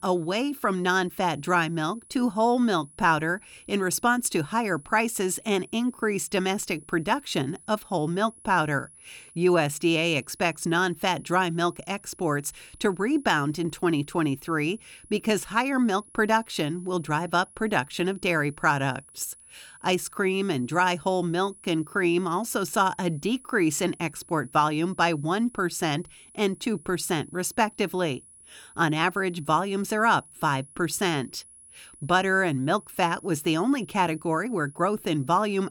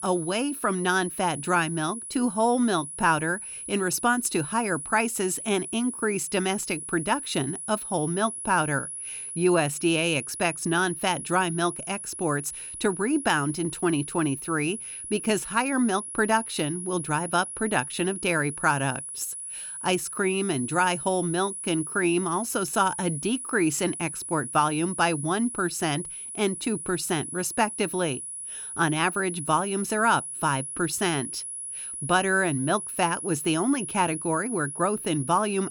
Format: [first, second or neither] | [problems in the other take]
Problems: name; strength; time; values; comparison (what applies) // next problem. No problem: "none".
first | high-pitched whine; loud; throughout; 10.5 kHz, 7 dB below the speech; faint in the first